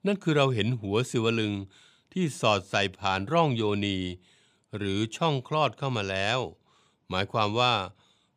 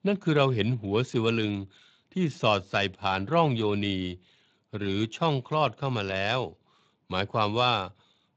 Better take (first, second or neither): first